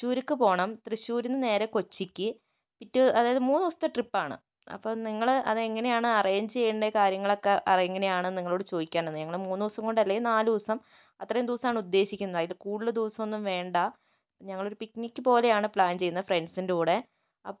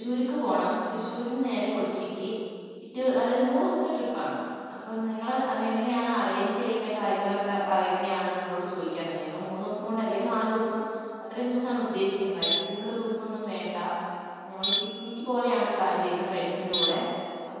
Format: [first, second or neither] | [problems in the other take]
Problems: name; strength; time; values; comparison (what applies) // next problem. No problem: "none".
first | background sound (Tools); 2 dB below the speech // room echo; dies away in 2.1 s